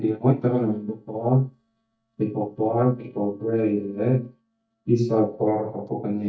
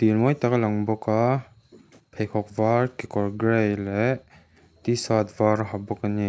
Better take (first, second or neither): second